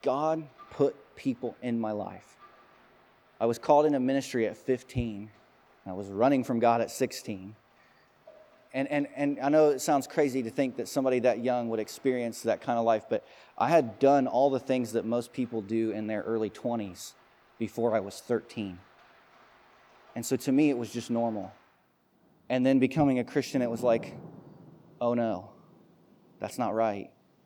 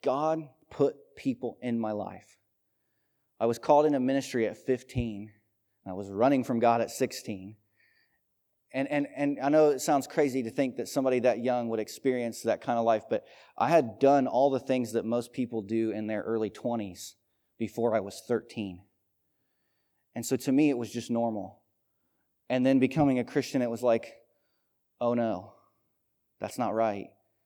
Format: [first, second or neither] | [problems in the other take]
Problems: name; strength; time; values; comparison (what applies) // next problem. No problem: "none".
second | rain or running water; faint; throughout; 25 dB below the speech